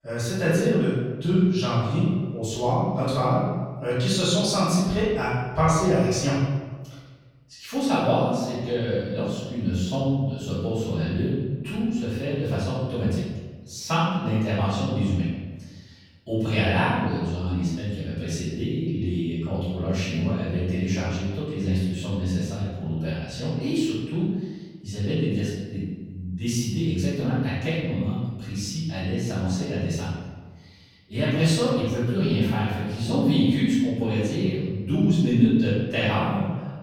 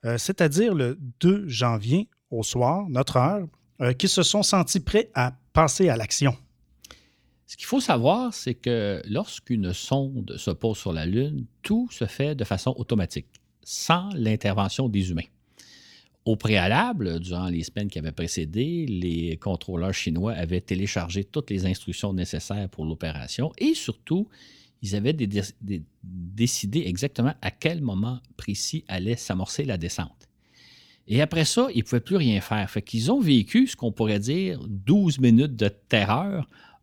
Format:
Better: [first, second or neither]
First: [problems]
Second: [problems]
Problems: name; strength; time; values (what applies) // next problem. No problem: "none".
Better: second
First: off-mic speech; far // room echo; strong; dies away in 1.2 s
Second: none